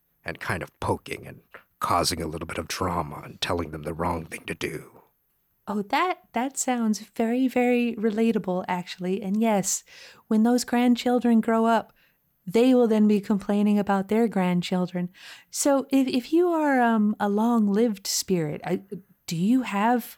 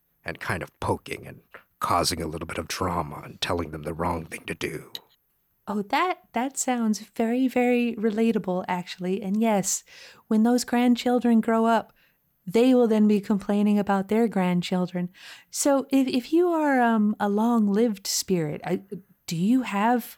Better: first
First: none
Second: clattering dishes; very faint; at 5 s; peak 15 dB below the speech

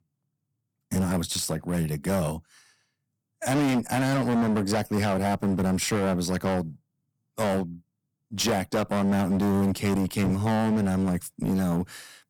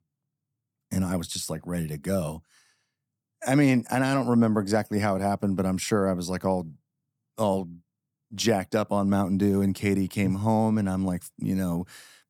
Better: second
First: distortion; heavy; 19% of the sound clipped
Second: none

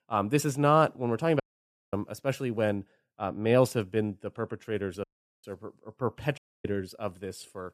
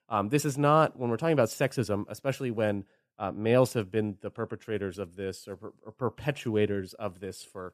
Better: second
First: audio cutting out; at 1.5 s for 0.5 s, at 5 s and at 6.5 s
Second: none

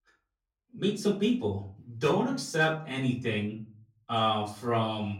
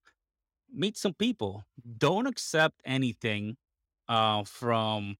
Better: second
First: off-mic speech; far // room echo; slight; dies away in 0.4 s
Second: none

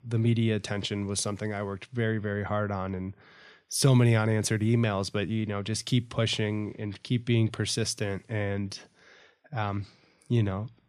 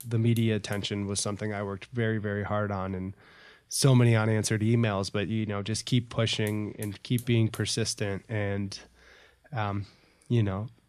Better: first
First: none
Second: hiss; faint; throughout; 20 dB below the speech

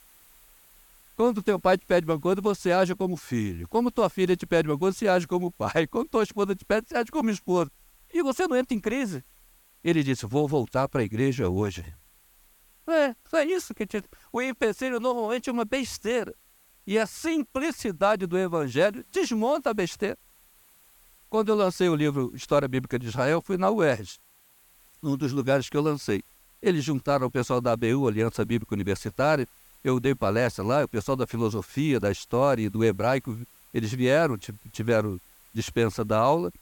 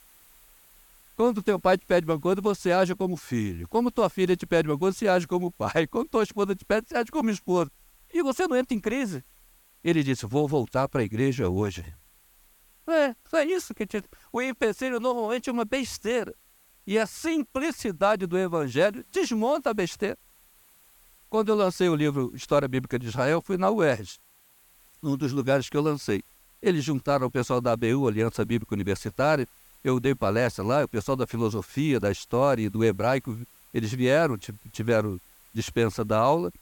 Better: neither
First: hiss; faint; throughout; 30 dB below the speech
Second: hiss; faint; throughout; 30 dB below the speech

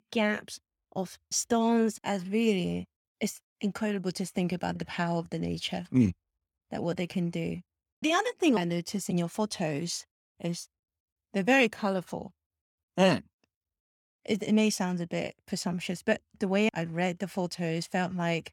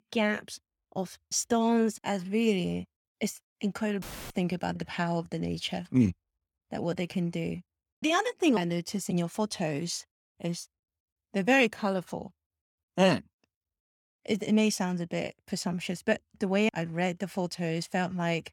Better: first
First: none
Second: audio cutting out; filled with static; at 4 s

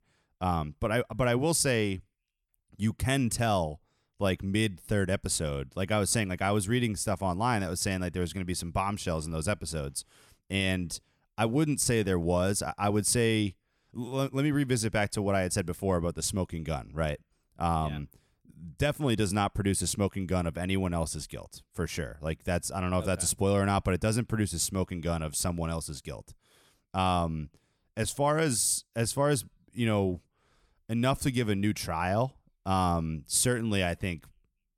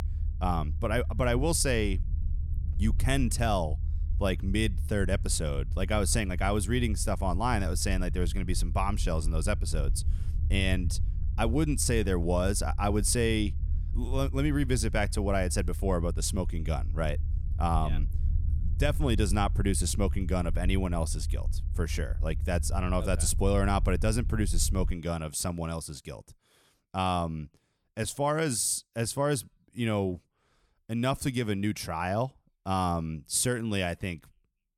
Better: first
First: none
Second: low rumble; noticeable; until 25 s; 20 dB below the speech

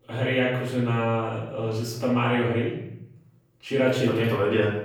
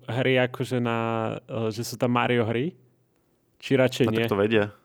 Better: second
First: room echo; noticeable; dies away in 0.7 s // off-mic speech; far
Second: none

